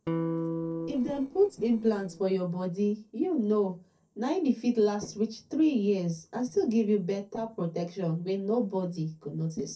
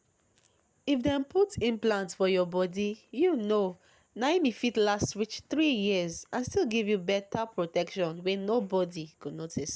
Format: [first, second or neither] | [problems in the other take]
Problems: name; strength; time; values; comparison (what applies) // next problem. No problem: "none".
second | noise reduction (neural separator model SepFormer DNS4)